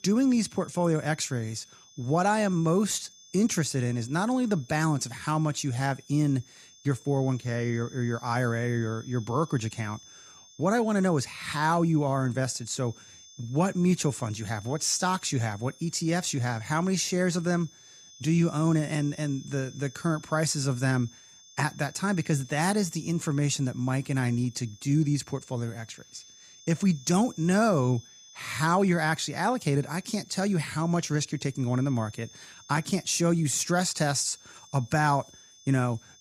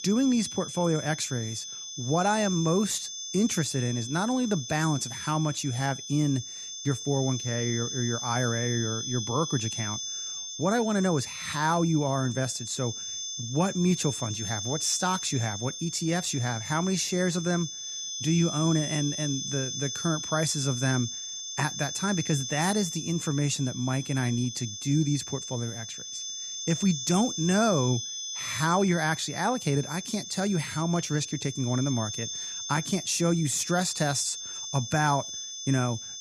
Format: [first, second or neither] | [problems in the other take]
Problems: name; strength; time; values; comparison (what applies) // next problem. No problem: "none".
first | high-pitched whine; loud; throughout; 6 kHz, 6 dB below the speech; faint in the first